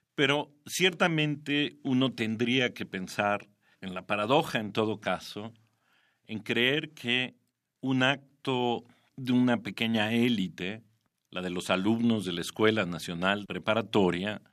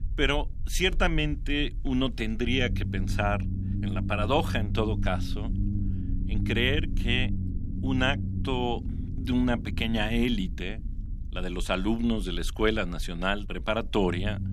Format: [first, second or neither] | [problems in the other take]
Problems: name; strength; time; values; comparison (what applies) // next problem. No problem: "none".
first | low rumble; noticeable; throughout; 15 dB below the speech